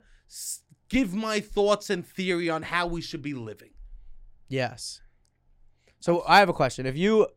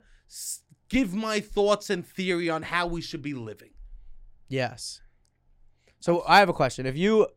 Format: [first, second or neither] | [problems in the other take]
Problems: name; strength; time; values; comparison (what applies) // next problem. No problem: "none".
neither | none